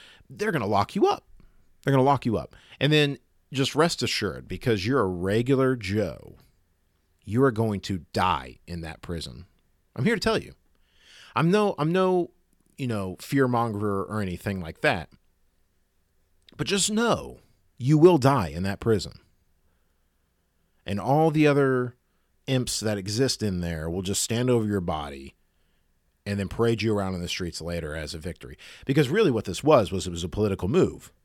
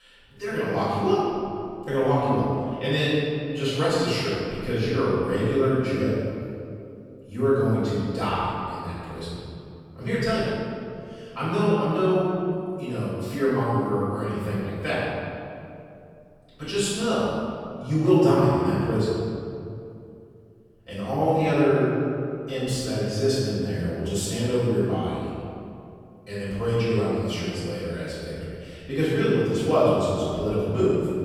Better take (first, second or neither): first